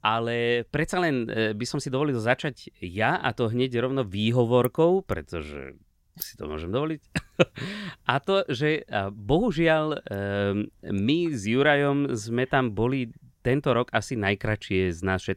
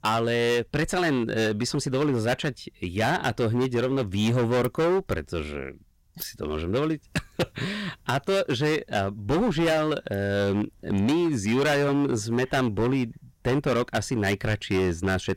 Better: first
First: none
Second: distortion; heavy; 15% of the sound clipped

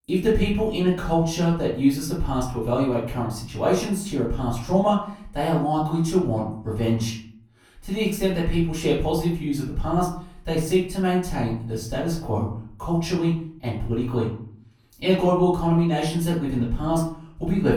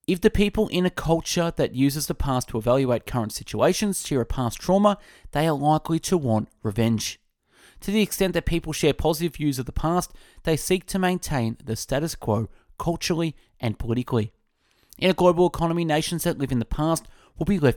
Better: second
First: off-mic speech; far // room echo; noticeable; dies away in 0.5 s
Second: none

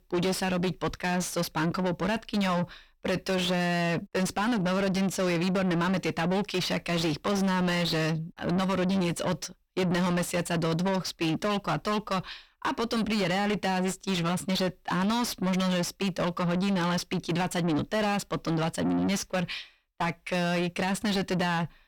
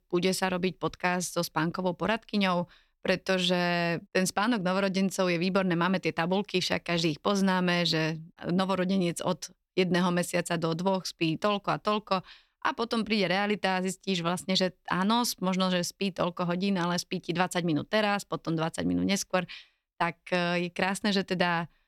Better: second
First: distortion; heavy; 7 dB below the speech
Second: none

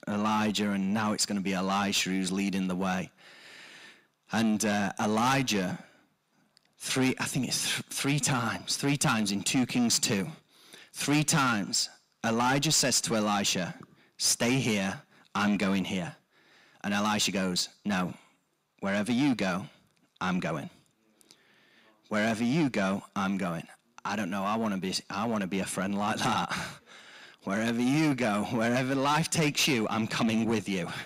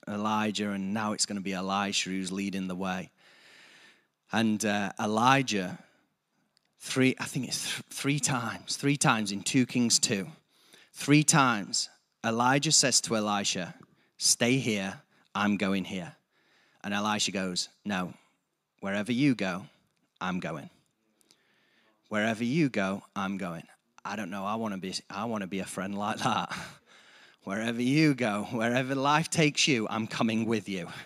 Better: second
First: distortion; heavy; 8 dB below the speech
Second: none

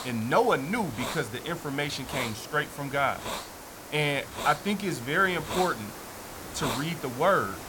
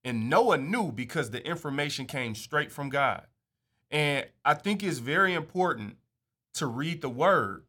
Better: second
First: hiss; loud; throughout; 9 dB below the speech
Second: none

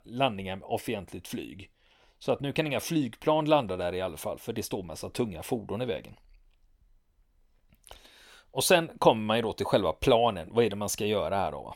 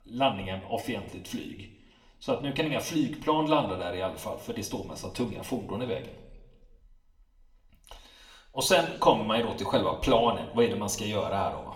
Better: first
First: none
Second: room echo; very slight; dies away in 0.7 s // off-mic speech; somewhat distant

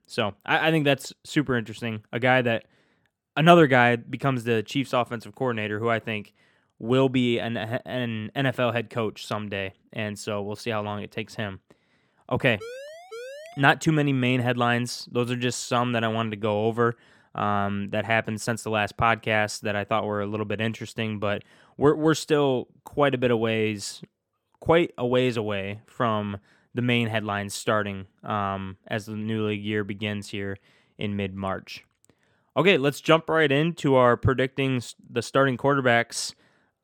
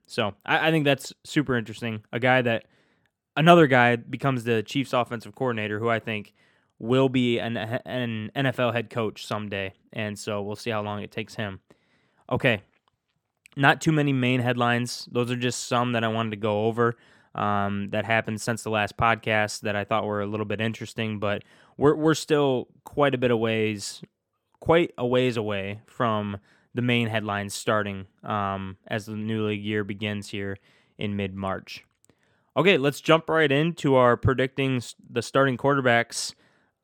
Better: second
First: siren; faint; from 13 to 14 s; peak 15 dB below the speech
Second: none

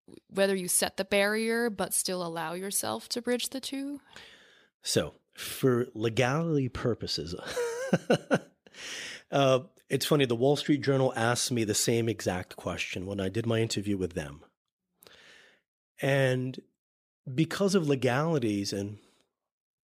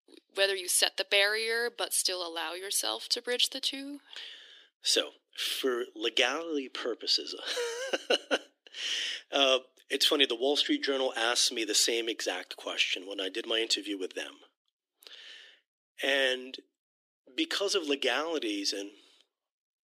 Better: first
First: none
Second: thin; somewhat; fading below 300 Hz

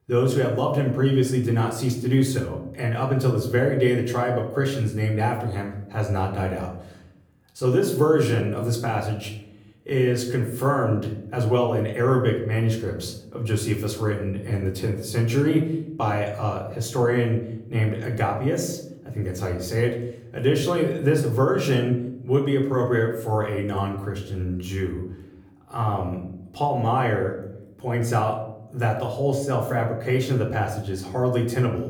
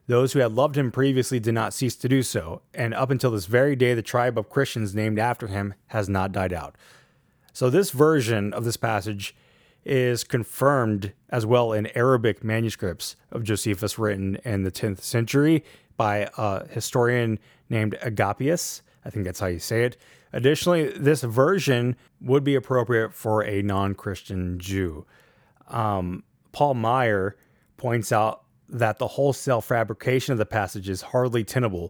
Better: second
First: off-mic speech; somewhat distant // room echo; slight; dies away in 0.7 s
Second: none

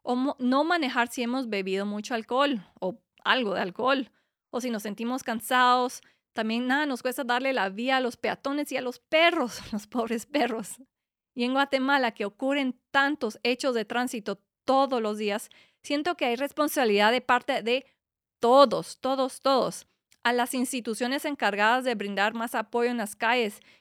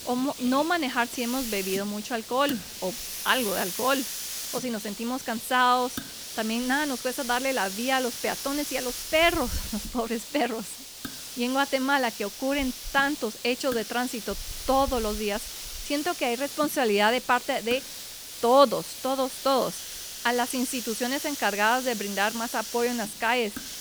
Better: first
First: none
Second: hiss; loud; throughout; 8 dB below the speech

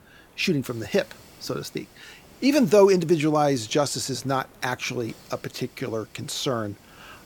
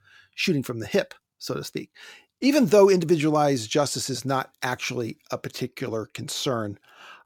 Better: second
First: hiss; faint; throughout; 25 dB below the speech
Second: none

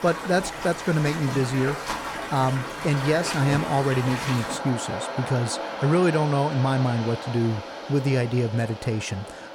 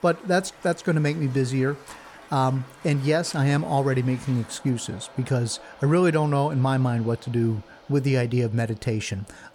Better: second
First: rain or running water; loud; throughout; 7 dB below the speech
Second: rain or running water; faint; throughout; 20 dB below the speech

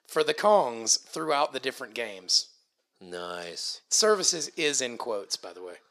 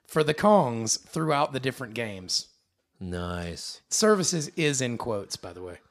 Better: second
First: thin; somewhat; fading below 450 Hz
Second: none

